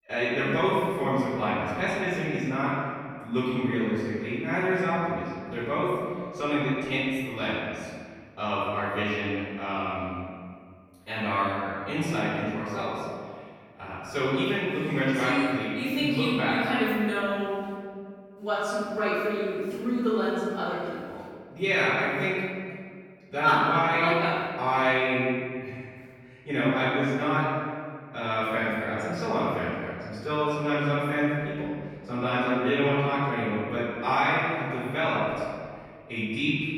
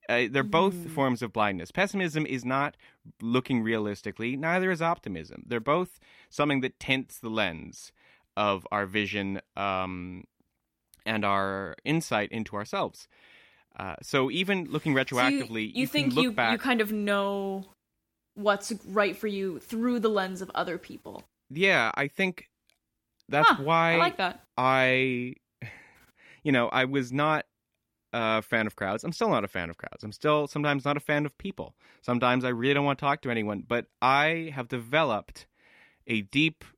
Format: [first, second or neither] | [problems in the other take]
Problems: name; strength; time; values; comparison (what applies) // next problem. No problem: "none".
second | room echo; strong; dies away in 1.9 s // off-mic speech; far